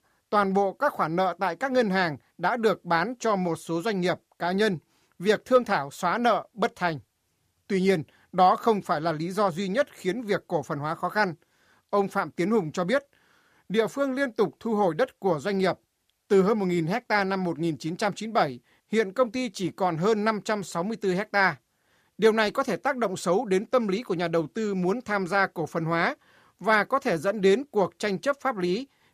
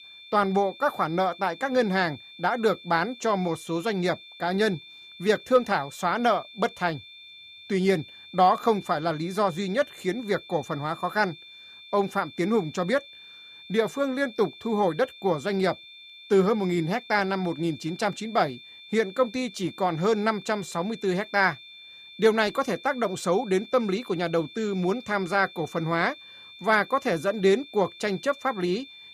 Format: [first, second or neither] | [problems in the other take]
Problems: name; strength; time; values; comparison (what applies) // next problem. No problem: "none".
first | high-pitched whine; noticeable; throughout; 3.5 kHz, 20 dB below the speech